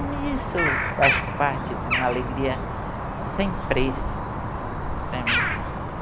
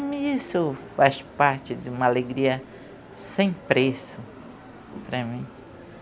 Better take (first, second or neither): second